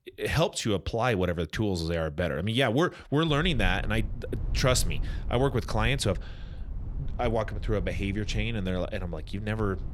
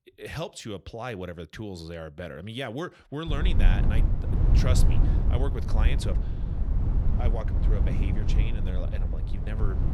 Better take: first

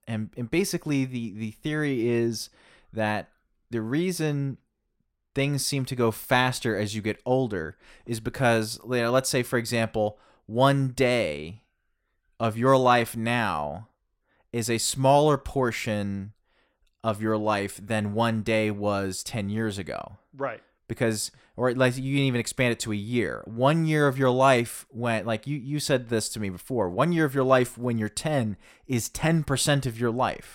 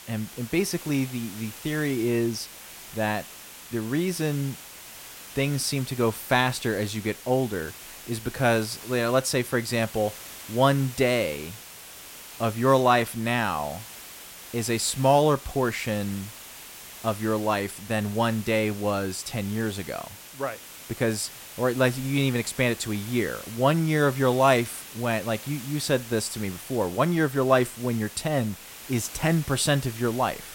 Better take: first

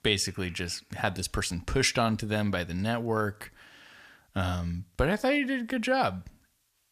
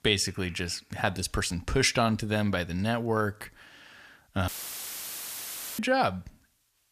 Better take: first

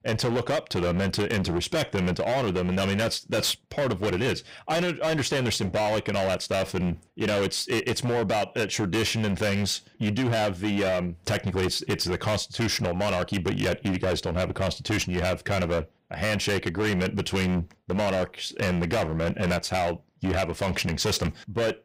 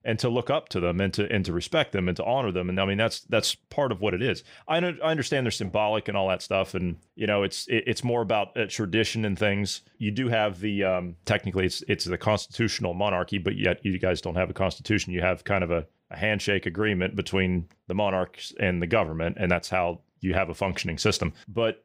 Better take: second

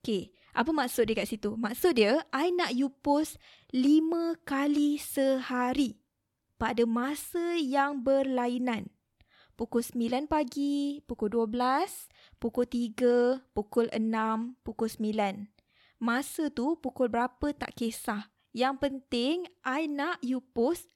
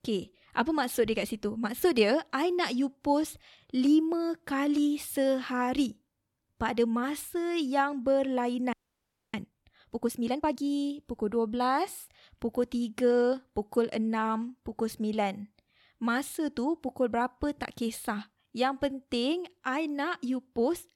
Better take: first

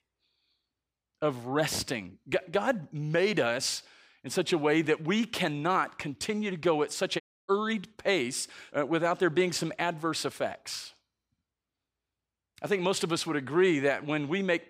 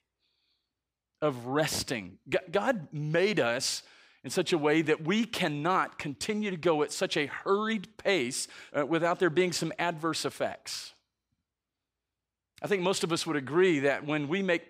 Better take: second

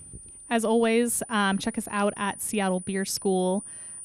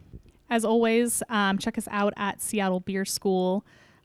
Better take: second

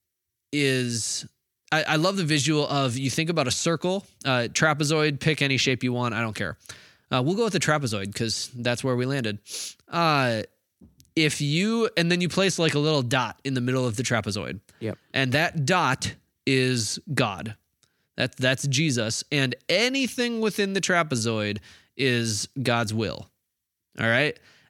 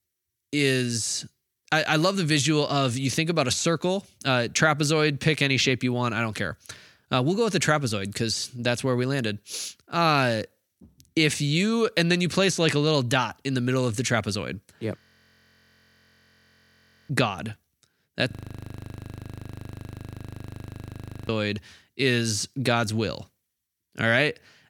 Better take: first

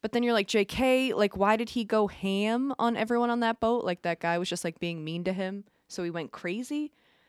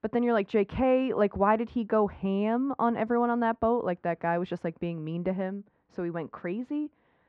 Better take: first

